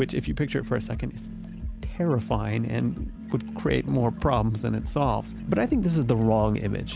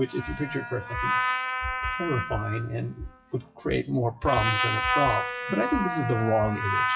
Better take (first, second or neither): first